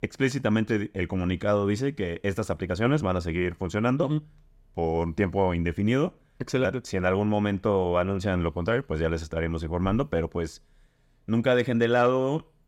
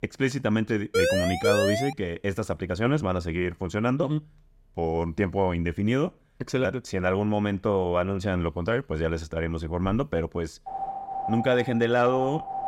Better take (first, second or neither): first